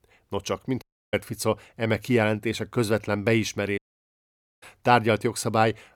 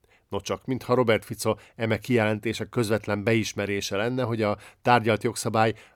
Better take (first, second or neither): second